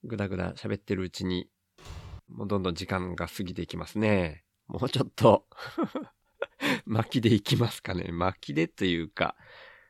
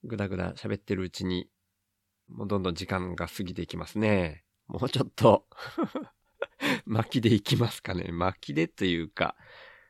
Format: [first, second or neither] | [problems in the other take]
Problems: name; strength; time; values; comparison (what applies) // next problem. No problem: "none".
second | door banging; faint; at 2 s; peak 15 dB below the speech